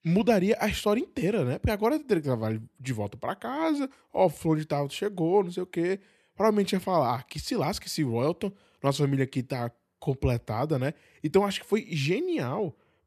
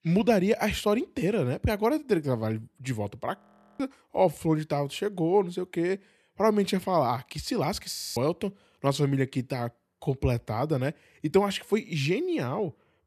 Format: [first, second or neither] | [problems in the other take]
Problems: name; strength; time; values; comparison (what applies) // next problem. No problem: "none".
first | audio freezing; at 3.5 s and at 8 s